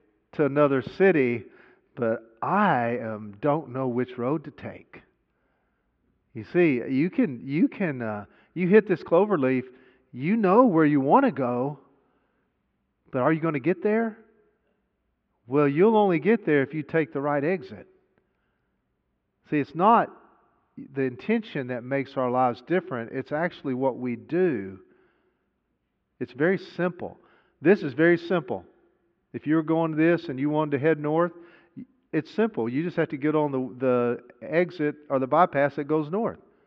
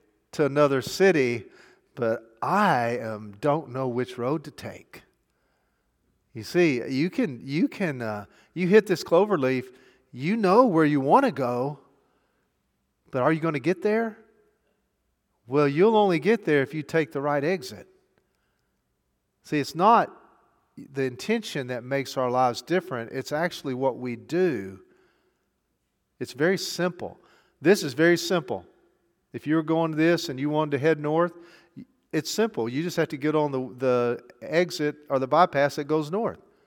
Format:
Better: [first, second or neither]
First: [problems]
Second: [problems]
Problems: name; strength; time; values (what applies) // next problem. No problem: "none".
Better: second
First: muffled; very; fading above 3 kHz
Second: none